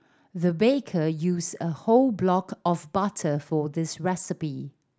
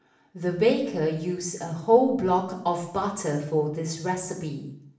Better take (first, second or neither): first